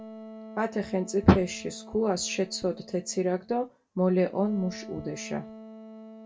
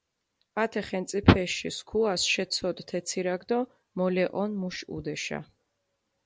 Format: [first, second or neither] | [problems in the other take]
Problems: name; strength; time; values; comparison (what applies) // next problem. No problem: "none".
second | background sound (Wind instrument, woodwind instrument); 17 dB below the speech // room echo; dies away in 0.2 s